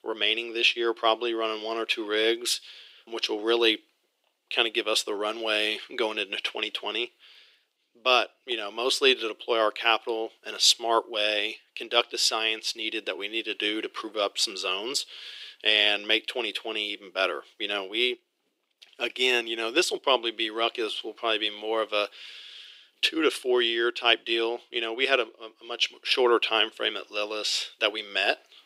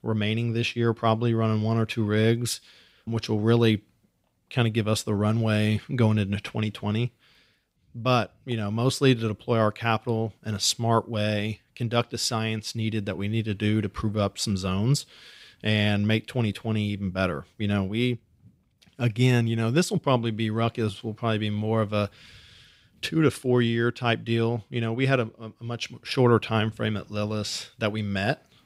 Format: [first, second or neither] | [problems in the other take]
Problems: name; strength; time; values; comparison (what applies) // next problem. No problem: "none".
second | thin; very; fading below 350 Hz